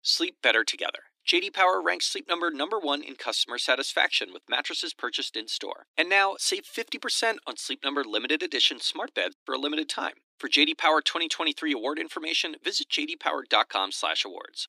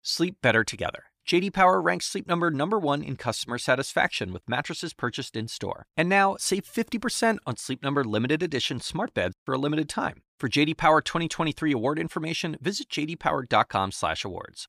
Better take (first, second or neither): second